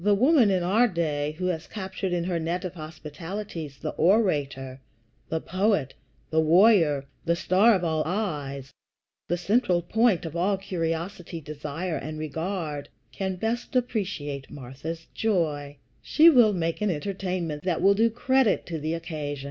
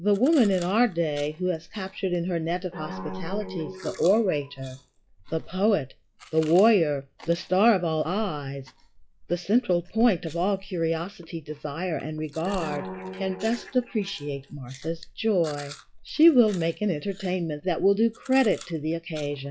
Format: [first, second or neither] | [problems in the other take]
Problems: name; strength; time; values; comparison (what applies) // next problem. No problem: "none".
first | noise reduction (classical method log-MMSE)